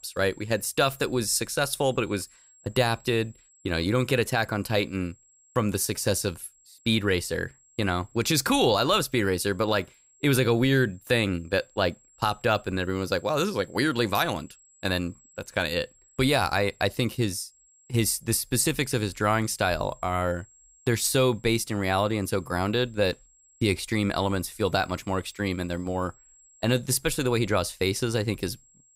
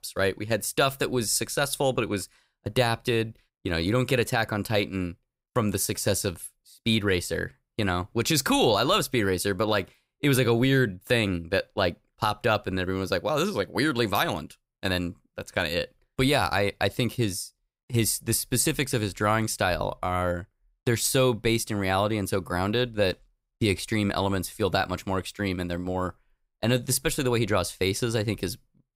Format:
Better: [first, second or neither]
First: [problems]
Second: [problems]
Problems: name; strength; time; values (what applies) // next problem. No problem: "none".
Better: second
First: high-pitched whine; faint; throughout; 7.5 kHz, 30 dB below the speech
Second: none